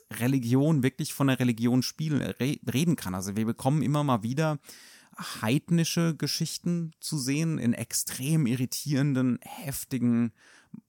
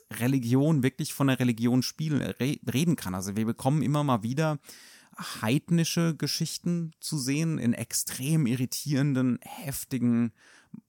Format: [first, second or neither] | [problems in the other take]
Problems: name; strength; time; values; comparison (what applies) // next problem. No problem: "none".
neither | none